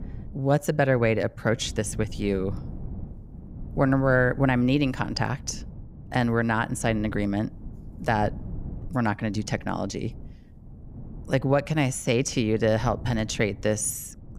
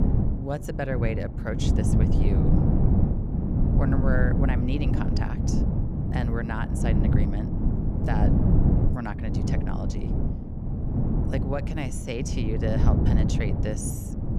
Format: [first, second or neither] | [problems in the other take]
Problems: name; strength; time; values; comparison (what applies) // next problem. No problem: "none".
first | wind noise on the microphone; heavy; 1 dB below the speech; occasional gusts in the first